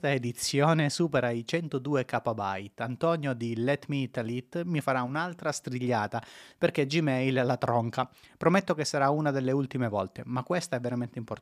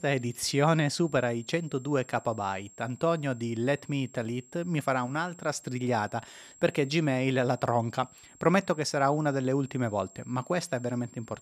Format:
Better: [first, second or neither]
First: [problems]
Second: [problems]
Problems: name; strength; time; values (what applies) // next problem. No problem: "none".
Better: first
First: none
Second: high-pitched whine; faint; throughout; 7.5 kHz, 25 dB below the speech